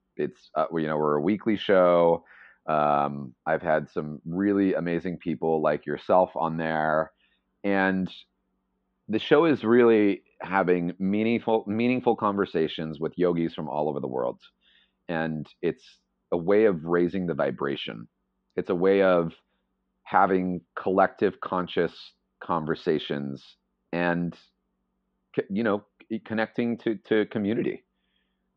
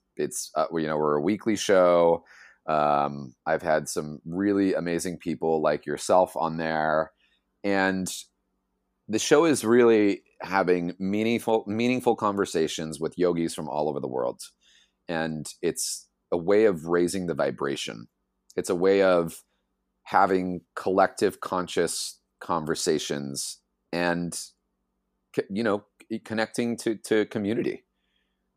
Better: second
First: muffled; very; fading above 3.5 kHz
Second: none

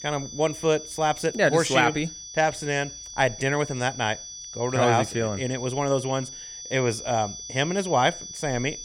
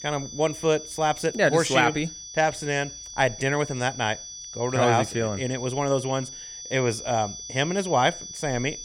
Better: neither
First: high-pitched whine; noticeable; throughout; 6 kHz, 10 dB below the speech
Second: high-pitched whine; noticeable; throughout; 6 kHz, 10 dB below the speech

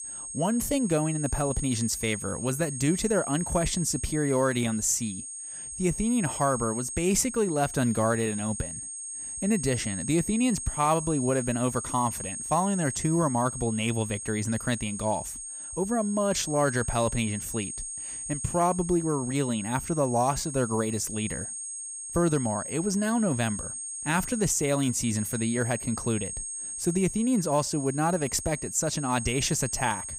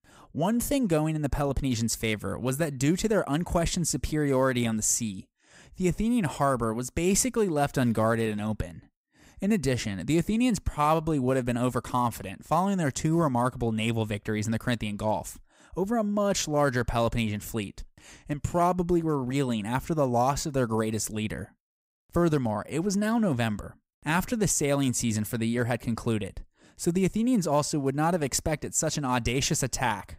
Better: second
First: high-pitched whine; loud; throughout; 8.5 kHz, 6 dB below the speech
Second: none

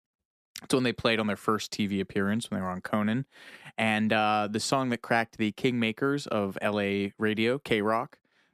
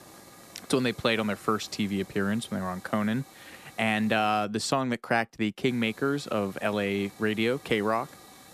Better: first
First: none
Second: hiss; faint; until 4.5 s and from 5.5 s on; 20 dB below the speech

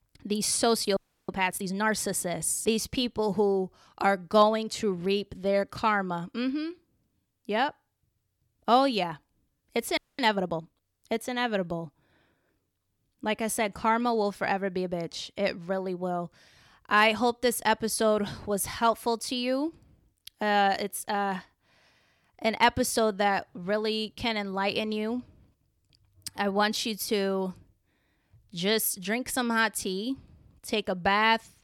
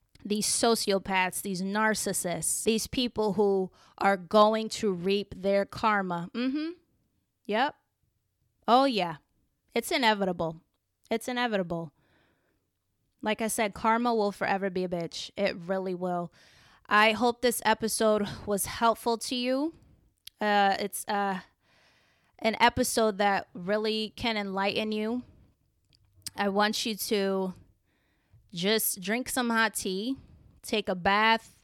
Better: second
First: audio freezing; at 1 s and at 10 s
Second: none

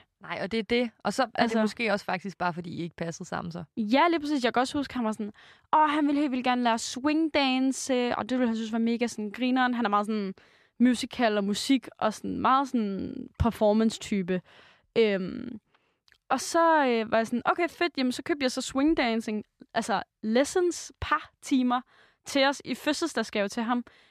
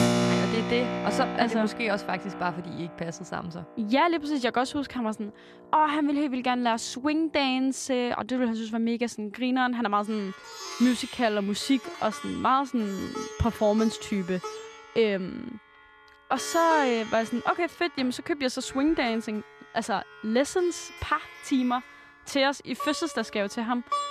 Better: first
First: none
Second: background music; loud; throughout; 8 dB below the speech

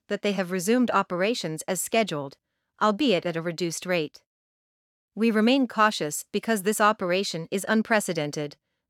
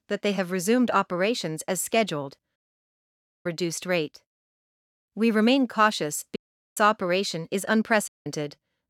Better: first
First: none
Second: audio cutting out; at 2.5 s for 1 s, at 6.5 s and at 8 s

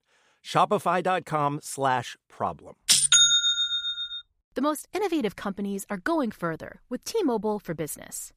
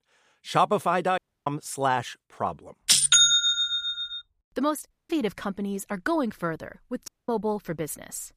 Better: first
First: none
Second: audio cutting out; at 1 s, at 5 s and at 7 s

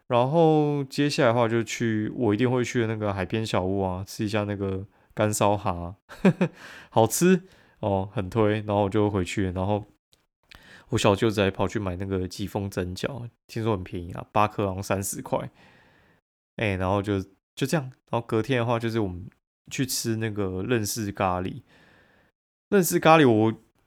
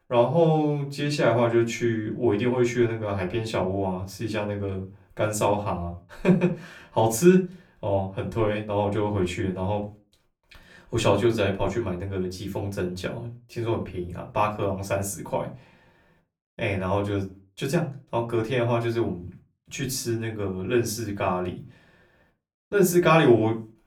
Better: first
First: none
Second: off-mic speech; far // room echo; very slight; dies away in 0.2 s

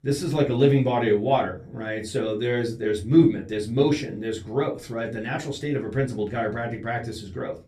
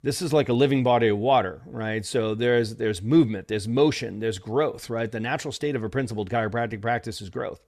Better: second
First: off-mic speech; far // room echo; very slight; dies away in 0.2 s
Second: none

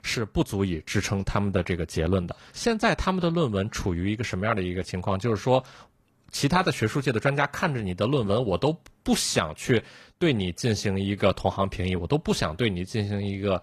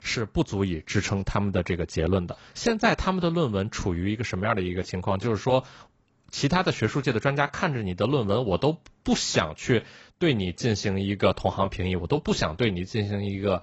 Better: first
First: garbled, watery; slightly; nothing above 14.5 kHz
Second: garbled, watery; badly; nothing above 7.5 kHz

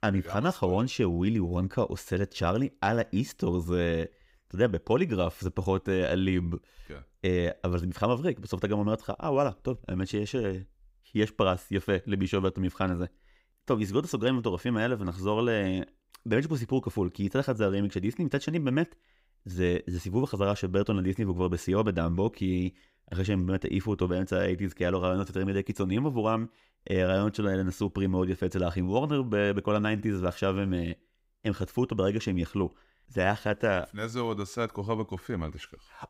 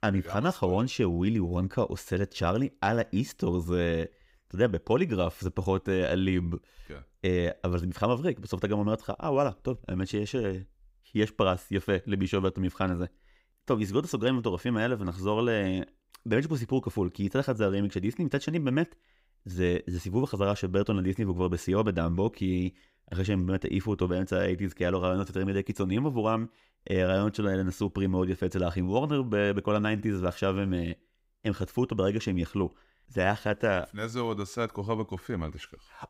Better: neither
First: none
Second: none

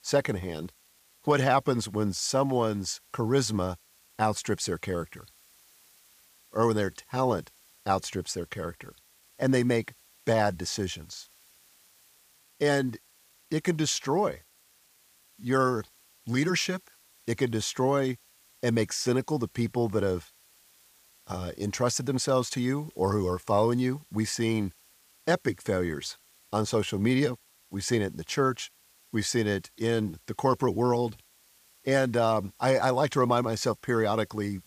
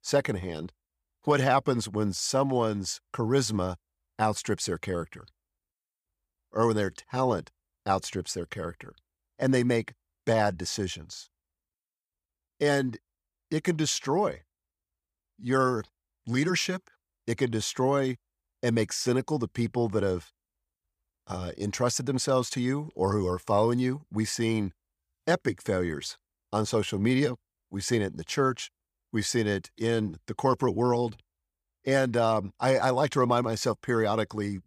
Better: second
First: hiss; faint; throughout; 30 dB below the speech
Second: none

